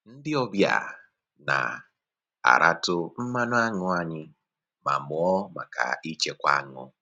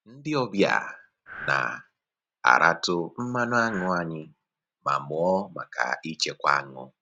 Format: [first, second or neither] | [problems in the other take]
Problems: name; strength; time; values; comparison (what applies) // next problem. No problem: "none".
first | background sound (Breathing); 11 dB below the speech